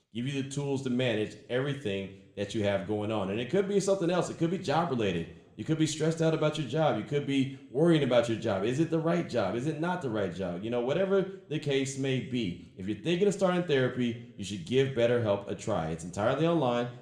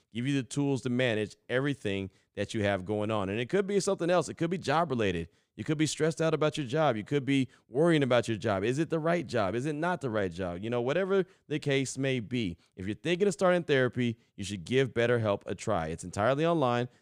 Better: second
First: room echo; very slight; dies away in 0.6 s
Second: none

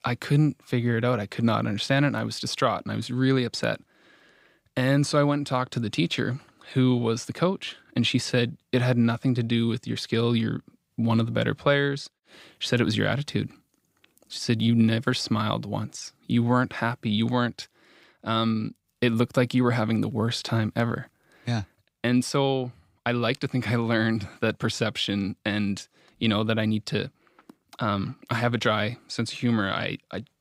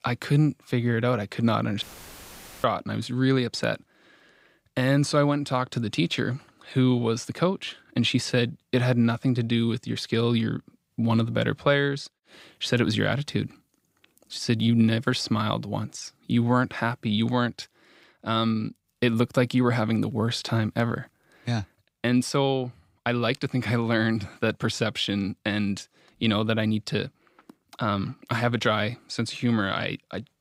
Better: first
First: none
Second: audio cutting out; filled with static; at 2 s for 1 s

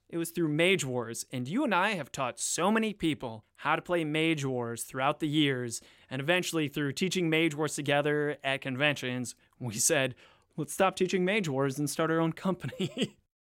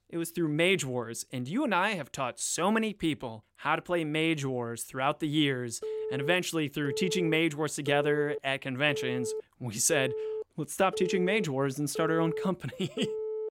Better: first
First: none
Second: phone ringing; noticeable; from 6 s on; peak 5 dB below the speech

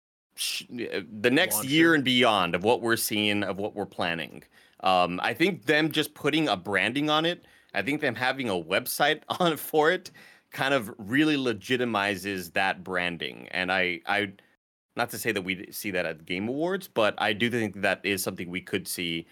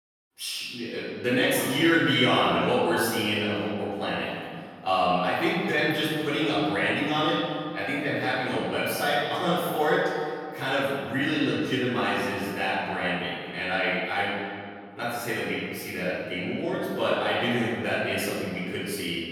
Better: first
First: none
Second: off-mic speech; far // room echo; strong; dies away in 1.9 s

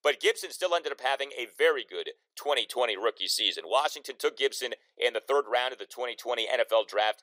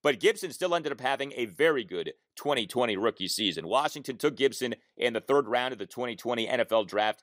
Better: second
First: thin; very; fading below 450 Hz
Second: none

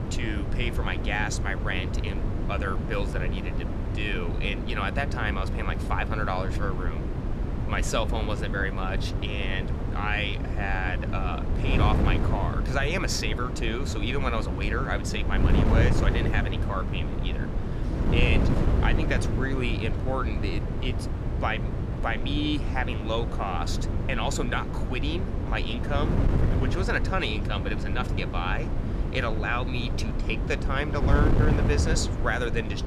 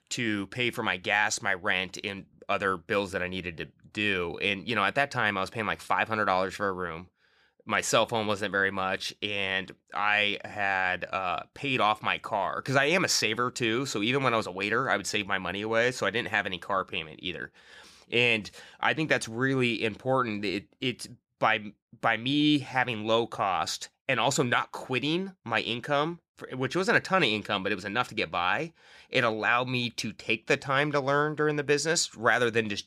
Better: second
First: wind noise on the microphone; heavy; 6 dB below the speech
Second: none

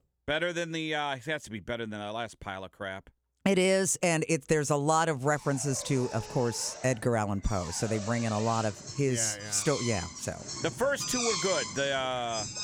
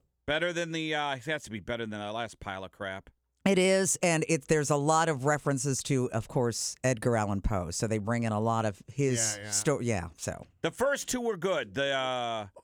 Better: second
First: machinery noise; loud; from 5.5 s on; 7 dB below the speech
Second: none

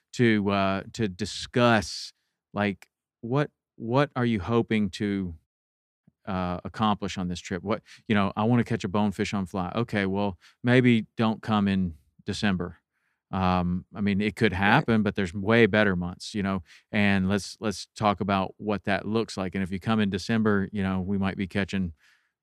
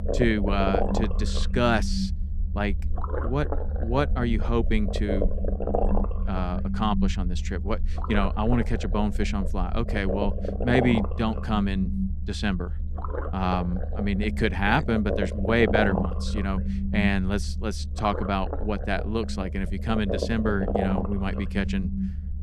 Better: first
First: none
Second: low rumble; loud; throughout; 5 dB below the speech

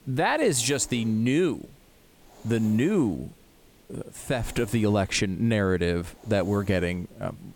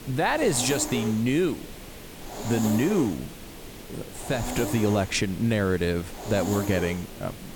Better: first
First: hiss; faint; throughout; 25 dB below the speech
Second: hiss; loud; throughout; 10 dB below the speech

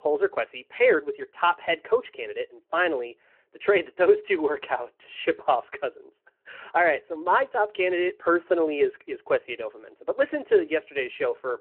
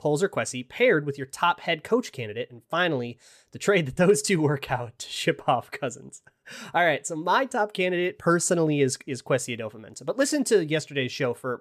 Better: second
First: phone-call audio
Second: none

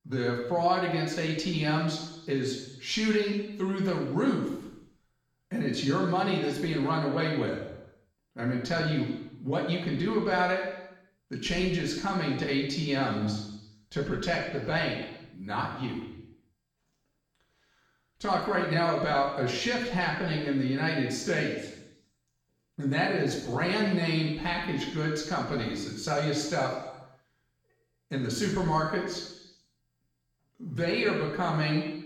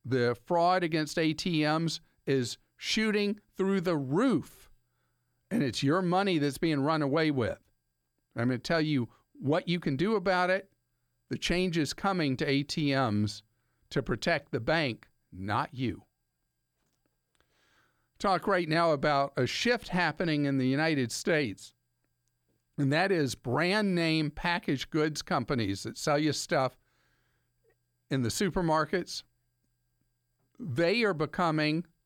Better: second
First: room echo; noticeable; dies away in 0.9 s // off-mic speech; far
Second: none

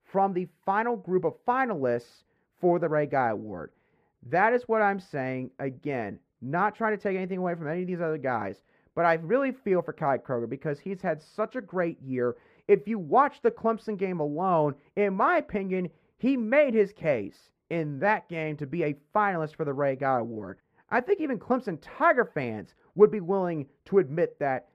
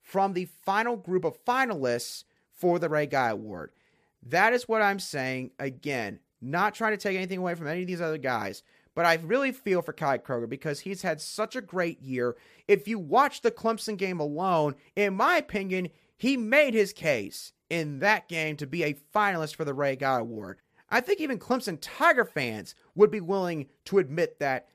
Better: second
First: muffled; very; fading above 3 kHz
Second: none

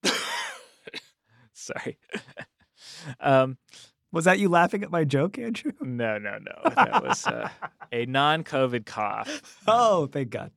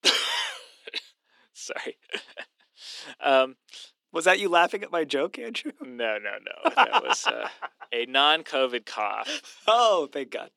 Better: first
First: none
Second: thin; somewhat; fading below 300 Hz

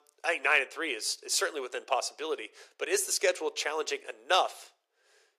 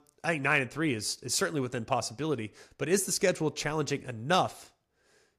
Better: second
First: thin; very; fading below 400 Hz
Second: none

